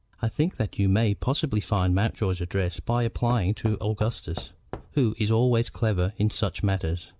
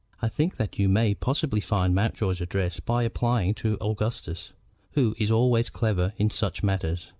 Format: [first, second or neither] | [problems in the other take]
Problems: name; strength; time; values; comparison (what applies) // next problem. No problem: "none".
second | background sound (Knock / Wood); 16 dB below the speech